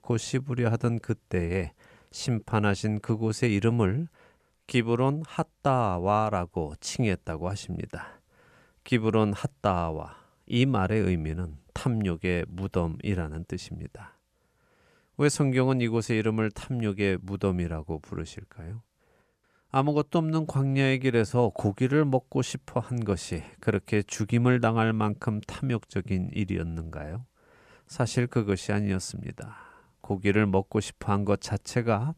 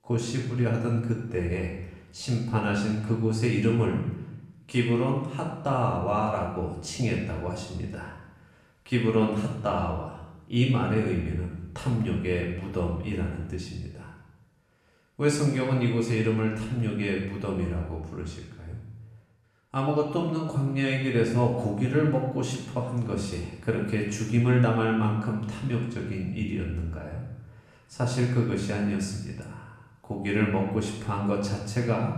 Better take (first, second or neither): first